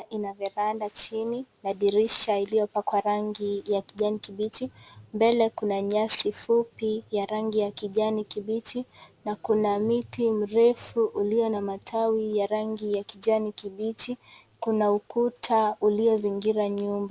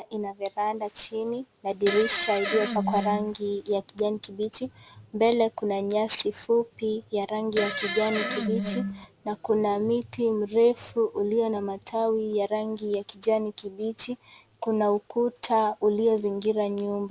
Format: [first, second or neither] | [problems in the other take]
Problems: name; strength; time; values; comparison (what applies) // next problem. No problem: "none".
first | background sound (Fart); 4 dB below the speech